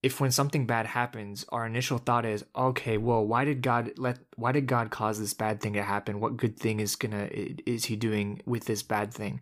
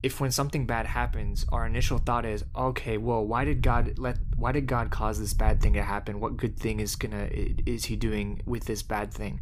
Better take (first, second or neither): first